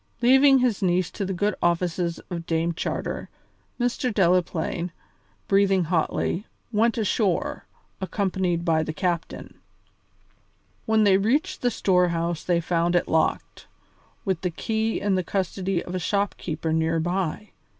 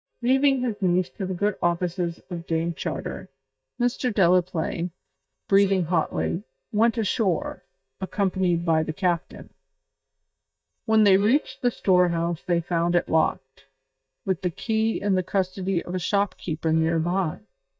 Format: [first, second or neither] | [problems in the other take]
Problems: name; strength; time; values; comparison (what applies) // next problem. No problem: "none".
first | noise reduction (neural mask model DeepFilterNet 3)